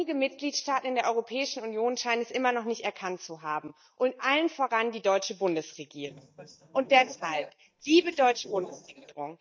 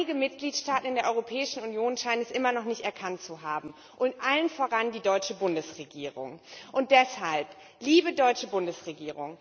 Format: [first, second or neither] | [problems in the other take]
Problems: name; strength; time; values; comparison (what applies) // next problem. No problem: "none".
second | noise reduction (neural mask model DeepFilterNet 3)